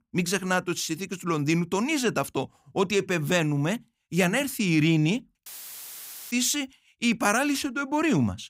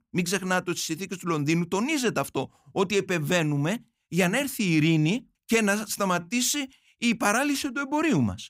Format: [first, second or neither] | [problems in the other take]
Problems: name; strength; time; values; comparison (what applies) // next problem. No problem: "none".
second | audio cutting out; filled with static; at 5.5 s for 1 s